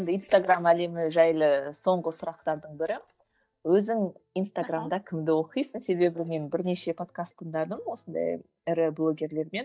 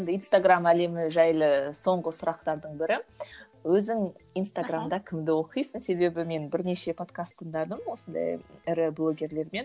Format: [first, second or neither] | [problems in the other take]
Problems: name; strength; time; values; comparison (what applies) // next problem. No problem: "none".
second | noise reduction (neural mask model DeepFilterNet 3)